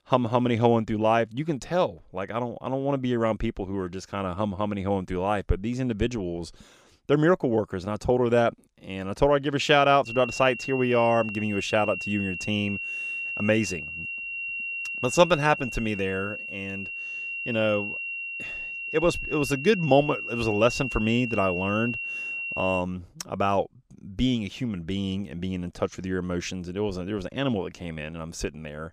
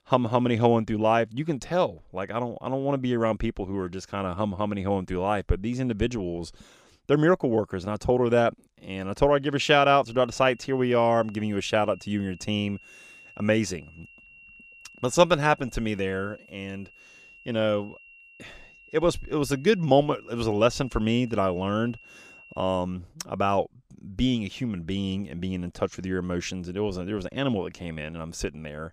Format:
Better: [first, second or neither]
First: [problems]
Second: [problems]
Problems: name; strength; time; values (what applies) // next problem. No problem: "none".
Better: second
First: high-pitched whine; loud; from 10 to 23 s; 2.5 kHz, 5 dB below the speech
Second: high-pitched whine; faint; from 10 to 23 s; 2.5 kHz, 25 dB below the speech